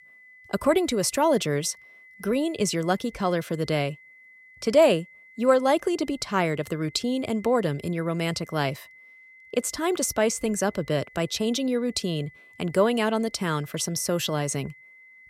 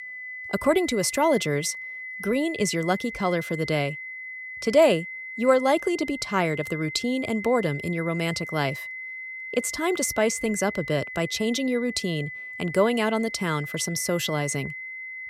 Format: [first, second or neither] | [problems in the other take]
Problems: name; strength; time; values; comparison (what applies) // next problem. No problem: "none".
first | high-pitched whine; loud; throughout; 2 kHz, 9 dB below the speech; faint in the first